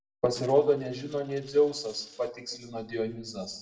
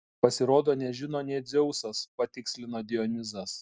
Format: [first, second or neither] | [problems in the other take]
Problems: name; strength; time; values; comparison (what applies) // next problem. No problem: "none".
second | noise reduction (neural separator model SepFormer DNS4)